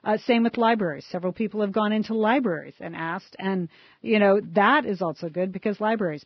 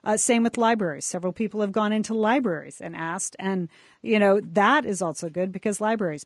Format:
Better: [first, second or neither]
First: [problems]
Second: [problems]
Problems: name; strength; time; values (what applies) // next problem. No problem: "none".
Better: second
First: garbled, watery; badly; nothing above 5.5 kHz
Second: garbled, watery; slightly; nothing above 10.5 kHz